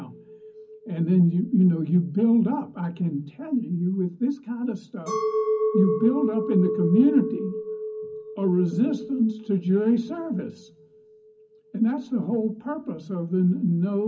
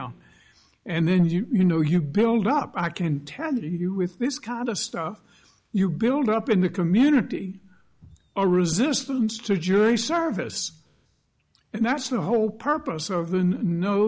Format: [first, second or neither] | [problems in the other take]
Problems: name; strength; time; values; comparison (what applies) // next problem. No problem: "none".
second | background sound (Chink, clink); 9 dB below the speech // room echo; dies away in 0.4 s